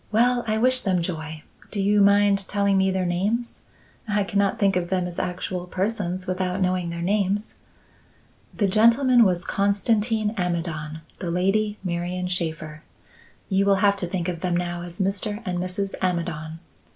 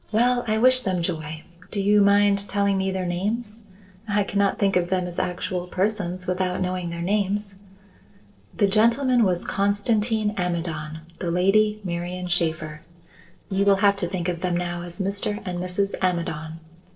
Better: first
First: none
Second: noise reduction (neural separator model SepFormer DNS4)

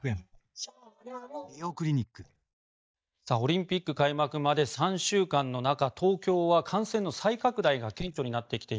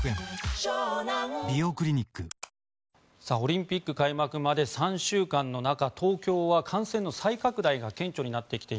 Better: second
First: noise reduction (neural mask model DeepFilterNet 3)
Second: none

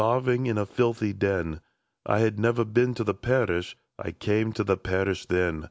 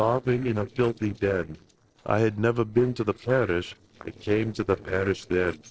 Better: first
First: none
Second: noise reduction (neural separator model SepFormer DNS4)

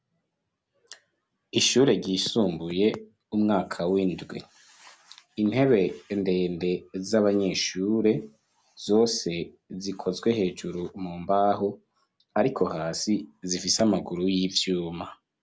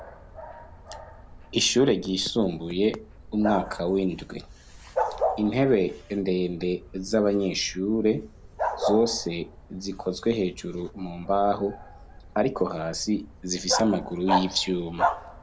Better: first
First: none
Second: background sound (Bark); 7 dB below the speech

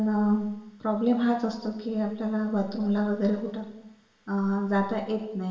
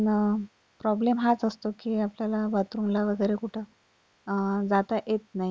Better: second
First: room echo; dies away in 0.9 s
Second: none

